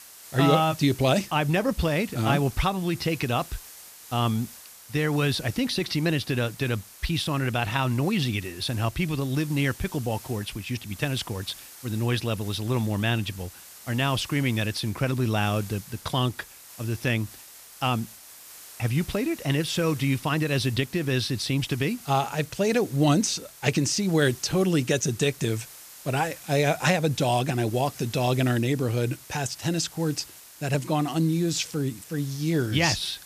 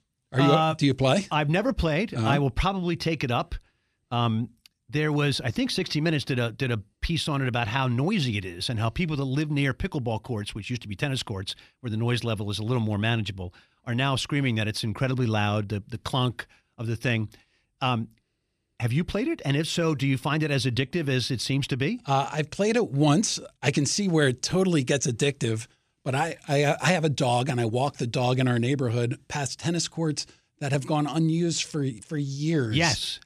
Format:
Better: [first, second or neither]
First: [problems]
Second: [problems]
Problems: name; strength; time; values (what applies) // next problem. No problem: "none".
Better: second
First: hiss; noticeable; throughout; 15 dB below the speech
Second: none